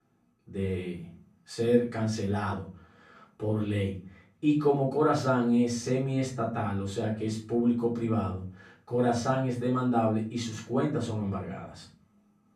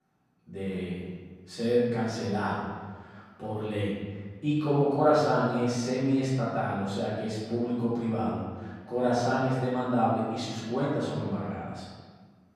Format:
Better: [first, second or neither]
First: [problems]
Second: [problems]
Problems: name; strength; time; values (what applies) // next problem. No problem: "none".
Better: first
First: room echo; slight; dies away in 0.4 s // off-mic speech; far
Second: room echo; strong; dies away in 1.4 s // off-mic speech; far